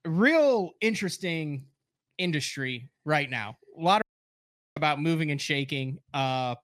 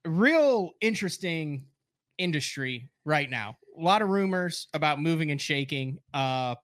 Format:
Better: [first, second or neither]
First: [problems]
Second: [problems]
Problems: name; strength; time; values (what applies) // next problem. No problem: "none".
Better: second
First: audio cutting out; at 4 s for 0.5 s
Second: none